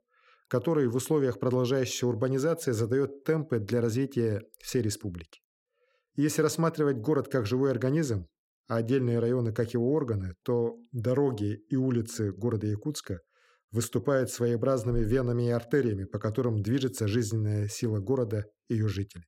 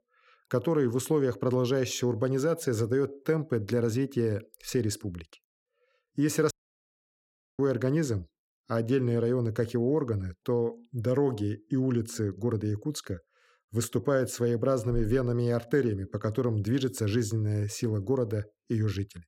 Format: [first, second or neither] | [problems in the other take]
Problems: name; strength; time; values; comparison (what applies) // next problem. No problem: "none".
first | audio cutting out; at 6.5 s for 1 s